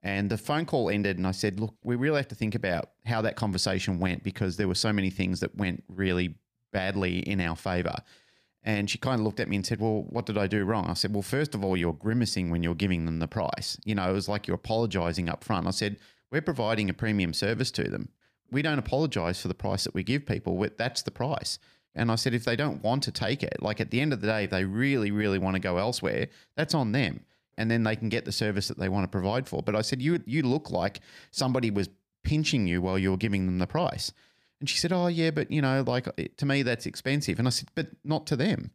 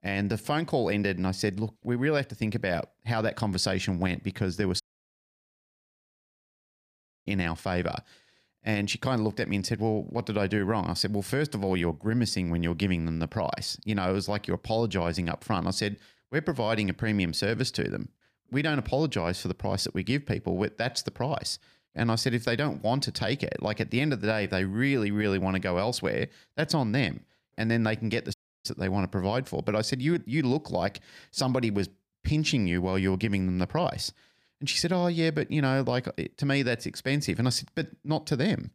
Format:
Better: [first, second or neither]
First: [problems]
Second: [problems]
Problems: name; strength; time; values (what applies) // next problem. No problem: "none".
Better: first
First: none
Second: audio cutting out; at 5 s for 2.5 s and at 28 s